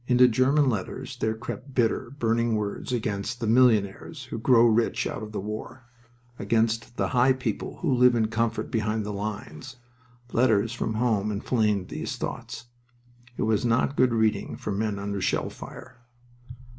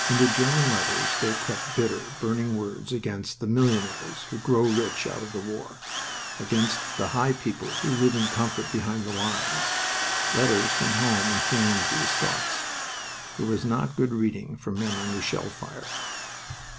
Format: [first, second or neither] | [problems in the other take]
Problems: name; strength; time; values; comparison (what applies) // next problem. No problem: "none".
first | background sound (Drill); 3 dB below the speech